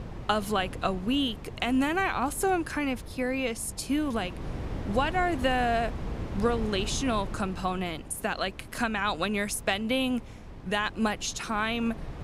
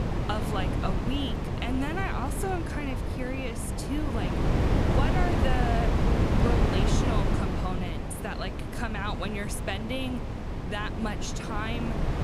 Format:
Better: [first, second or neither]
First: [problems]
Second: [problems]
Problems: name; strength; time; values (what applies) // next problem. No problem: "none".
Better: first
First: wind noise on the microphone; occasional gusts; 15 dB below the speech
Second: wind noise on the microphone; heavy; as loud as the speech